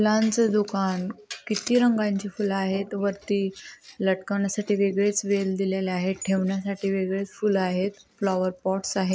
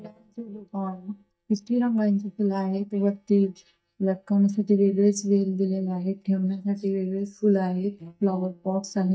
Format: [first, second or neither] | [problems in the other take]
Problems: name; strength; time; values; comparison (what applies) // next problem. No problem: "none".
first | noise reduction (neural mask model DeepFilterNet 3)